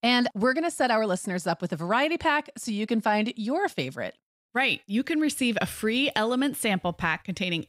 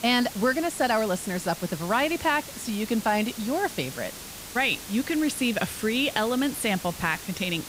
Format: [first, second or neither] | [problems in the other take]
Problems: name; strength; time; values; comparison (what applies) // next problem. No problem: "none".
first | hiss; noticeable; throughout; 10 dB below the speech